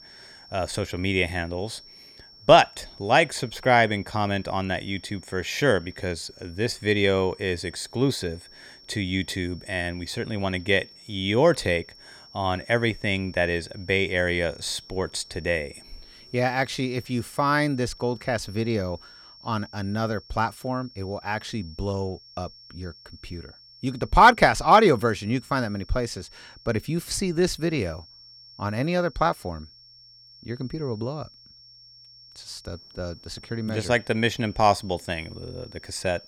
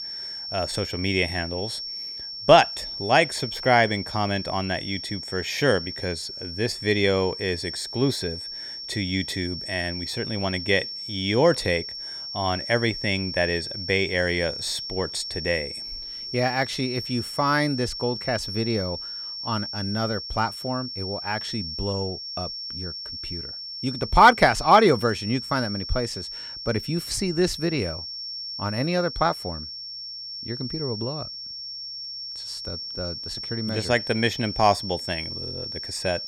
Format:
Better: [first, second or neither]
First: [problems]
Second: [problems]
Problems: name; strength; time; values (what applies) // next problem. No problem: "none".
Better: first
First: high-pitched whine; faint; throughout; 5.5 kHz, 20 dB below the speech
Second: high-pitched whine; loud; throughout; 5.5 kHz, 7 dB below the speech